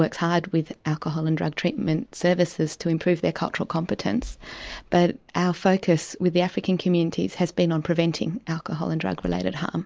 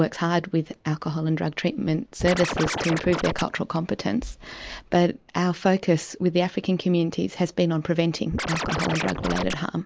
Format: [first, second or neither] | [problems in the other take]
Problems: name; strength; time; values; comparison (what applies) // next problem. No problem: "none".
first | background sound (Scratching (performance technique)); 4 dB below the speech